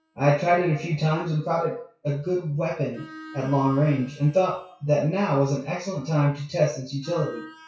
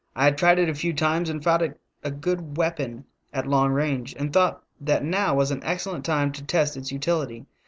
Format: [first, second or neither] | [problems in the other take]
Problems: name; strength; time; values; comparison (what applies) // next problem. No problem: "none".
second | noise reduction (classical method WPE with log-MMSE)